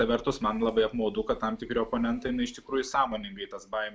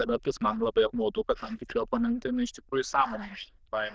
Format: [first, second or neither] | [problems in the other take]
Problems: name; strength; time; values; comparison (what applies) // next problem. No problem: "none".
first | noise reduction (neural diffusion model UNIVERSE++)